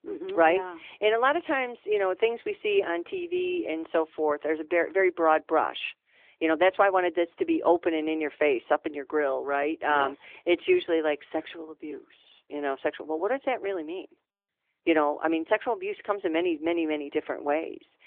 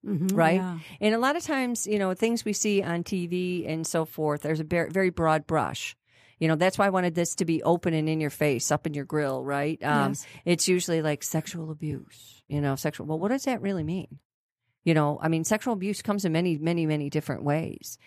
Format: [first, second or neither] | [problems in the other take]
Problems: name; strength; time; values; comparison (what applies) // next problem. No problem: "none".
second | phone-call audio